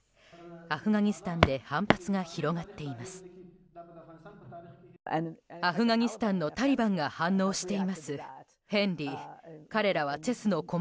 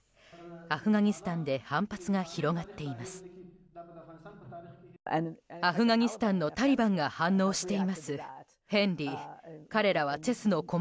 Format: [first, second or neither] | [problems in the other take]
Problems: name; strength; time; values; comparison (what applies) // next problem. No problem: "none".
second | background sound (Walk, footsteps); 4 dB above the speech